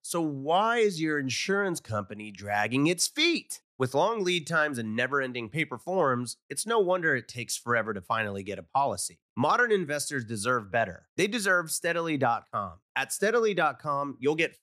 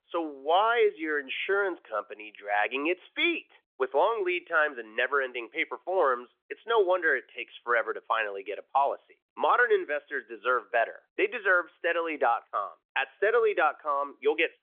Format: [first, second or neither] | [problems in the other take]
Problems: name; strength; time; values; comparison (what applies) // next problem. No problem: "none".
first | phone-call audio; nothing above 3.5 kHz